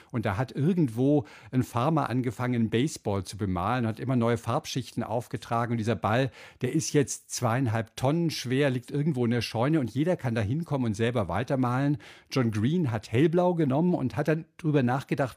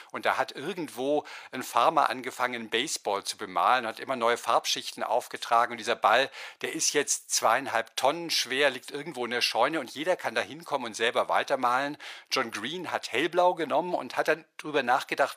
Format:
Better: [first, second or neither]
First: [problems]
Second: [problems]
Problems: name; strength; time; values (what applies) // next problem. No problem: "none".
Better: first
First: none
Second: thin; very; fading below 750 Hz